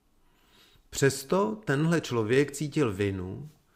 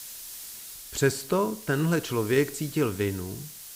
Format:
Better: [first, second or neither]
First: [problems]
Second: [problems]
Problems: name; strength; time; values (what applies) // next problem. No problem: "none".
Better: first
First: none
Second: hiss; noticeable; throughout; 15 dB below the speech